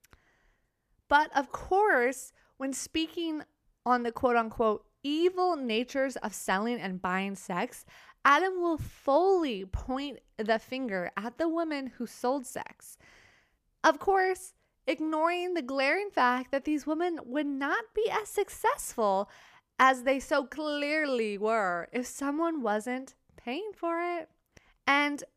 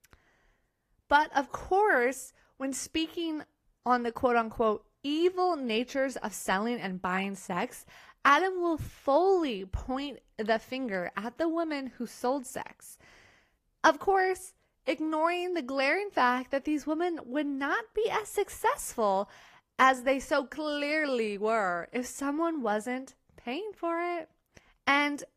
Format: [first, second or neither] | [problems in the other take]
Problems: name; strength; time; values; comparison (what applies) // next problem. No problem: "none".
first | garbled, watery; slightly; nothing above 14.5 kHz